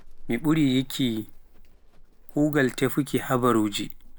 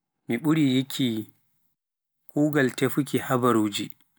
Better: second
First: background sound (Livestock, farm animals, working animals); 15 dB below the speech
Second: none

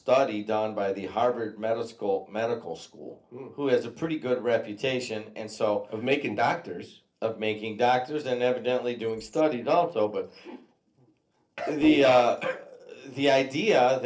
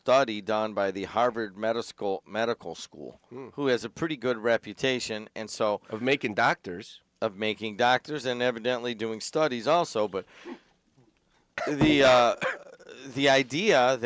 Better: second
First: noise reduction (neural separator model SepFormer DNS4)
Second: none

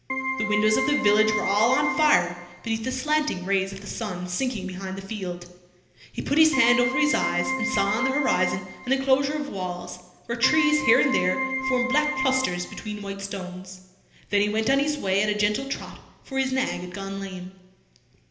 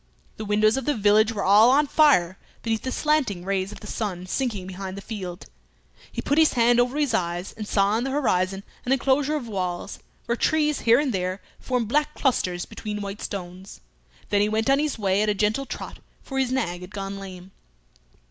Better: second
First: background sound (Keyboard (musical)); 3 dB below the speech // room echo; dies away in 0.8 s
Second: none

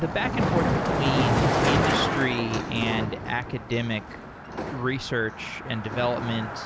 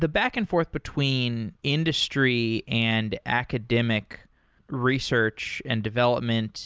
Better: second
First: background sound (Car passing by); 2 dB above the speech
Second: none

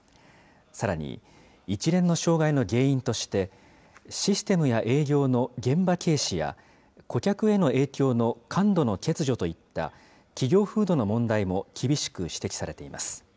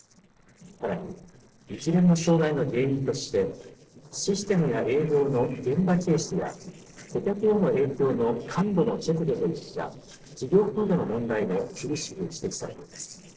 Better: first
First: none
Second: noise reduction (neural separator model SepFormer DNS4)

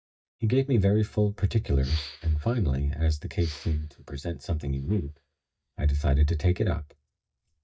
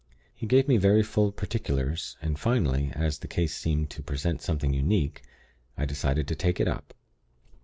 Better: second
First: noise reduction (neural mask model DeepFilterNet 3)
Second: none

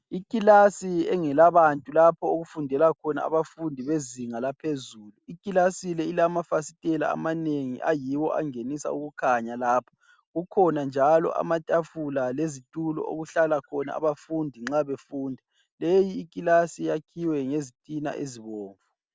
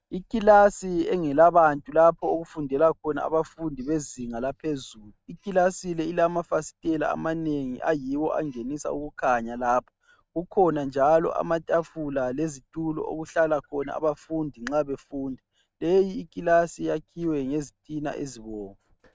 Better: first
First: none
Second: noise reduction (neural mask model RNNoise)

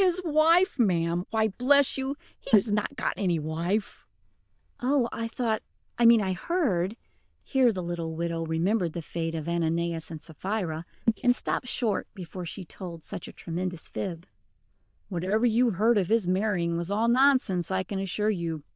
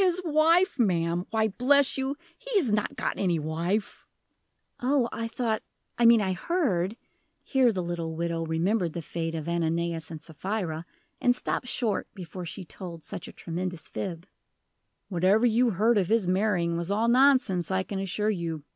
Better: second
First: noise reduction (neural diffusion model UNIVERSE++)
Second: none

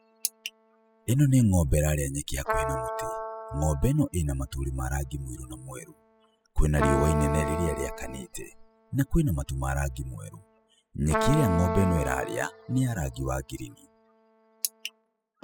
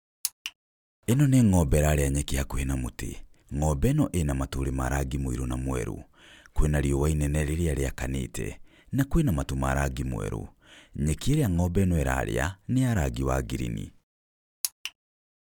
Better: second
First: noise reduction (classical method spectral subtraction)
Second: none

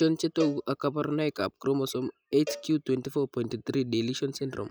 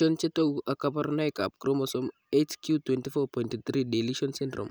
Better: second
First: noise reduction (classical method log-MMSE)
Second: none

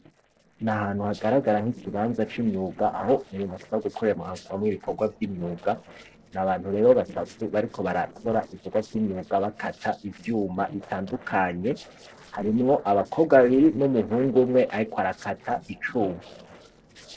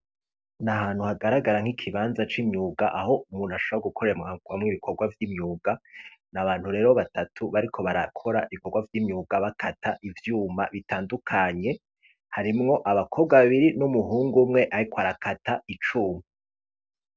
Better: second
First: noise reduction (neural separator model SepFormer DNS4)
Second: none

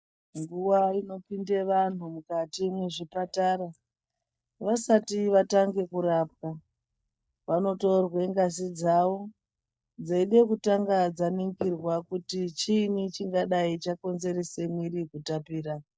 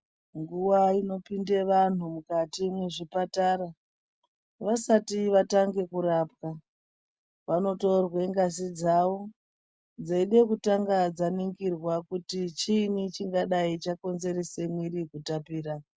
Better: second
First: noise reduction (neural mask model DeepFilterNet 3)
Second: none

